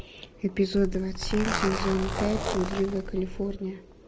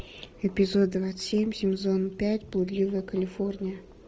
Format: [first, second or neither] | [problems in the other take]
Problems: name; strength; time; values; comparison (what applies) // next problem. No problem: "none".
second | background sound (Zipper (clothing)); 3 dB below the speech